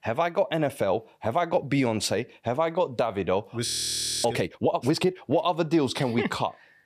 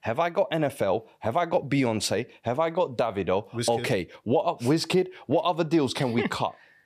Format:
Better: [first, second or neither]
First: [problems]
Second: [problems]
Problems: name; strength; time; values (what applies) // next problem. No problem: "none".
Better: second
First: audio freezing; at 3.5 s for 0.5 s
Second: none